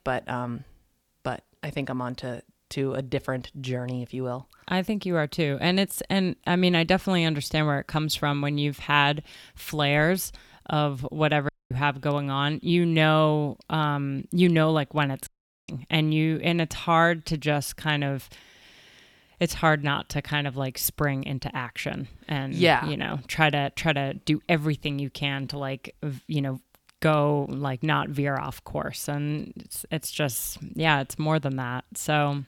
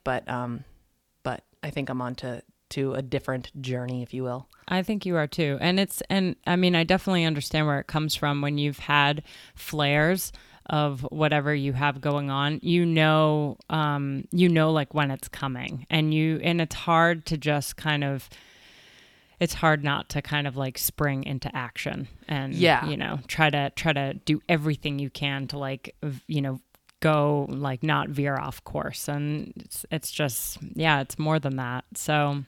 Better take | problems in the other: second | audio cutting out; at 11 s and at 15 s

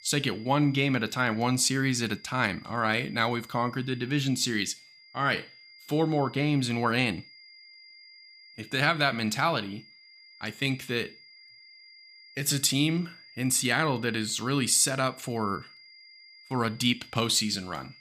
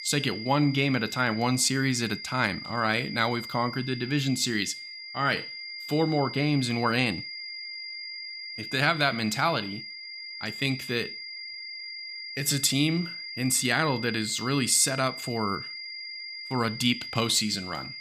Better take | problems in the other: first | high-pitched whine; loud; throughout; 5 kHz, 10 dB below the speech; faint in the first

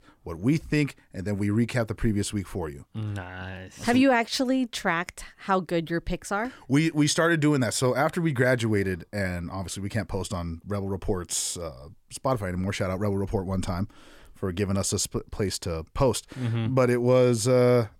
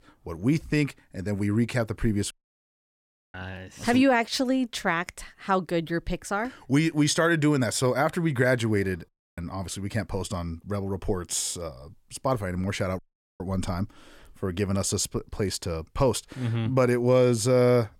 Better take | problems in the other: first | audio cutting out; at 2.5 s for 1 s, at 9 s and at 13 s

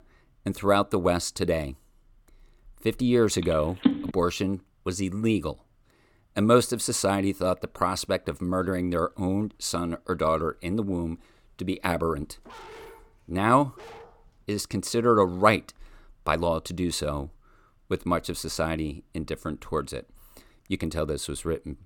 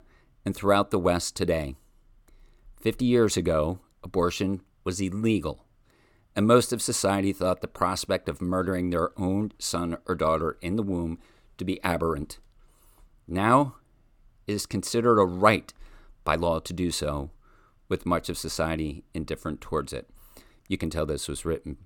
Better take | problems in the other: second | phone ringing; loud; at 4 s; peak 1 dB above the speech // dog barking; faint; from 12 to 14 s; peak 15 dB below the speech

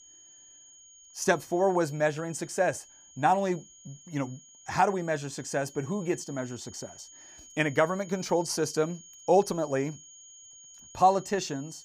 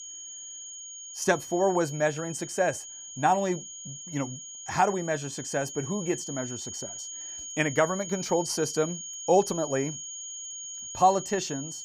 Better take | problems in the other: first | high-pitched whine; loud; throughout; 6.5 kHz, 9 dB below the speech; faint in the first

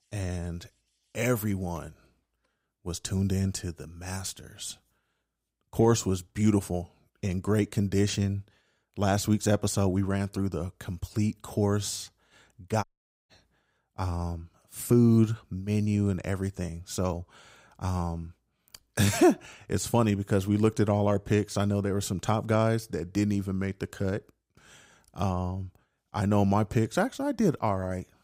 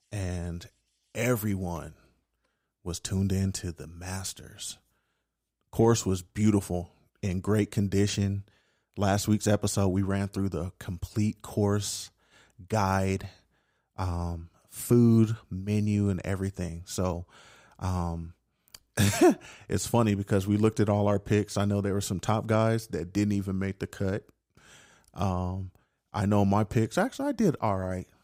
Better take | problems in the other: second | audio cutting out; at 13 s

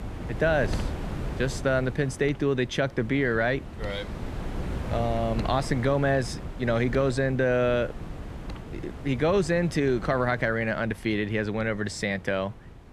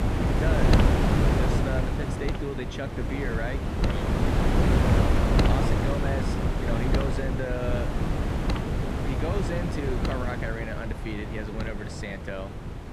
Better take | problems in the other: first | wind noise on the microphone; heavy; 4 dB above the speech; occasional gusts in the first

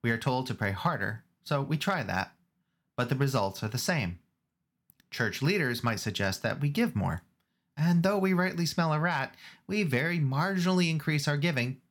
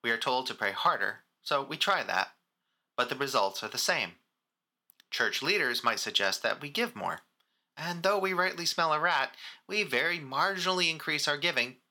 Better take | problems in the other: first | thin; very; fading below 450 Hz

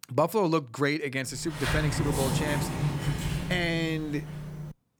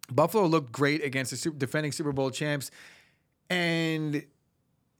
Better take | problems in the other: second | door banging; loud; from 1.5 s on; peak 1 dB above the speech

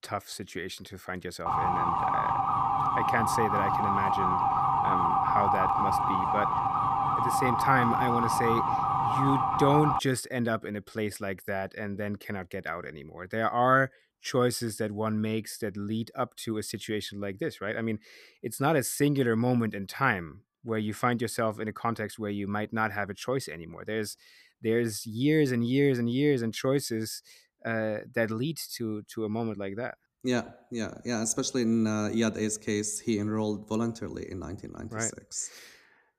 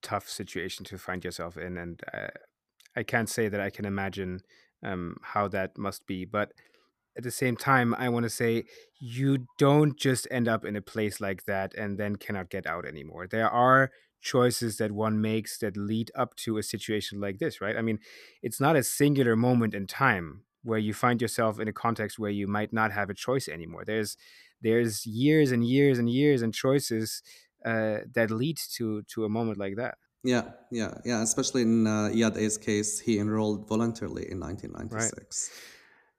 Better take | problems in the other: second | siren; loud; from 1.5 to 10 s; peak 5 dB above the speech

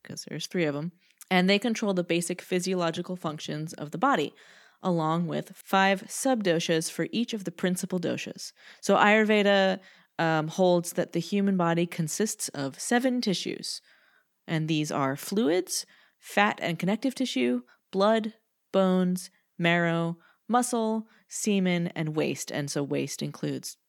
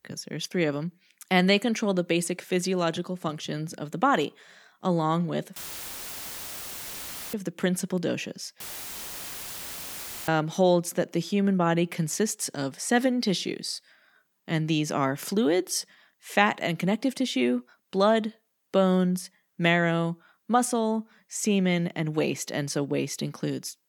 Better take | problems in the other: first | audio cutting out; filled with static; at 5.5 s for 2 s and at 8.5 s for 1.5 s

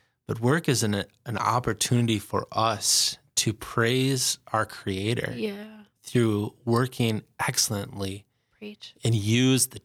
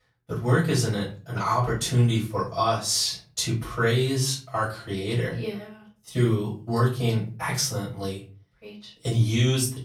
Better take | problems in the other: first | room echo; slight; dies away in 0.4 s // off-mic speech; far

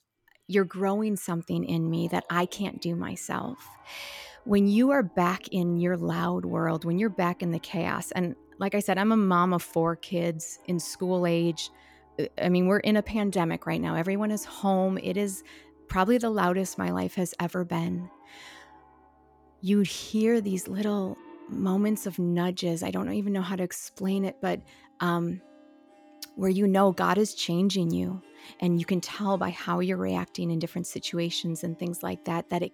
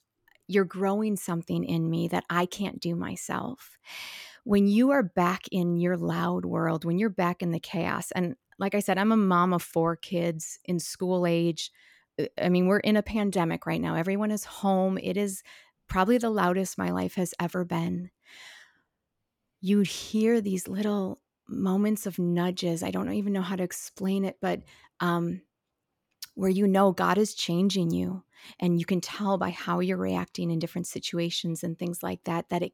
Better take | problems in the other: second | background music; faint; throughout; 25 dB below the speech

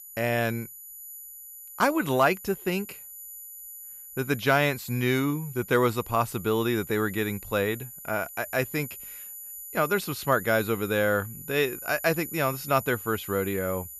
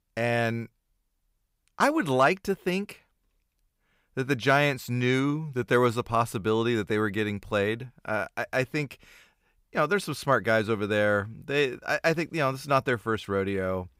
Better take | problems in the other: second | high-pitched whine; noticeable; throughout; 12 kHz, 10 dB below the speech

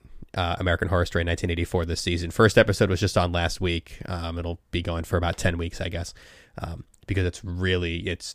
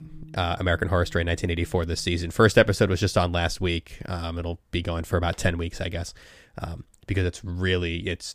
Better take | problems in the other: first | background music; faint; until 2 s; 25 dB below the speech

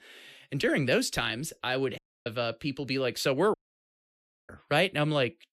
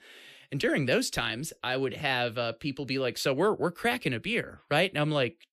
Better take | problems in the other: second | audio cutting out; at 2 s and at 3.5 s for 1 s

